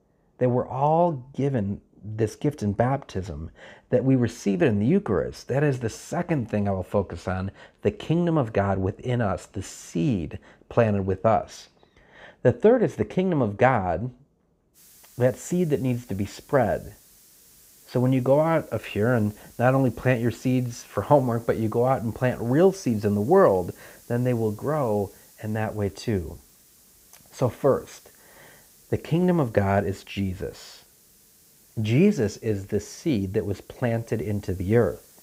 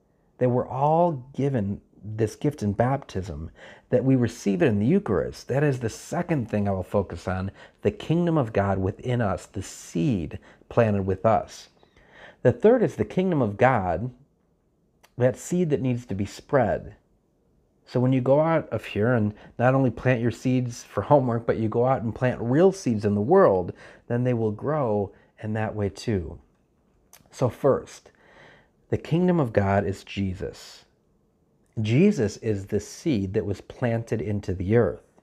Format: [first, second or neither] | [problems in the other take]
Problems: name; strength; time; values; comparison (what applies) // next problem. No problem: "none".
second | hiss; faint; from 15 s on; 25 dB below the speech